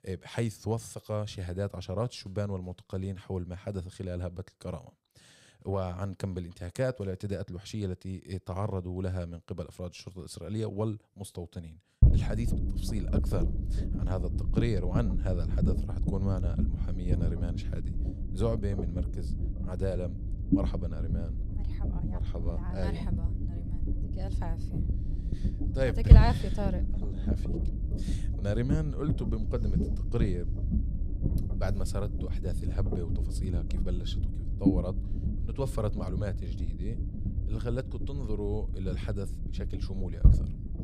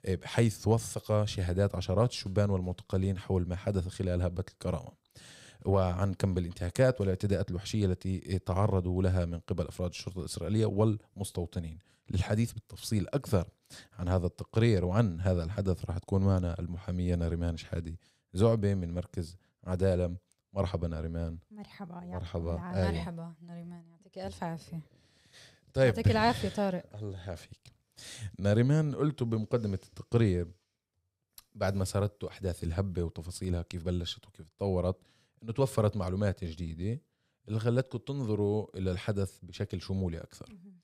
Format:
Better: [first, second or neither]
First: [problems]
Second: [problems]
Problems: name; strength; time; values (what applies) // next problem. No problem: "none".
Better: second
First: low rumble; loud; from 12 s on; 4 dB below the speech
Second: none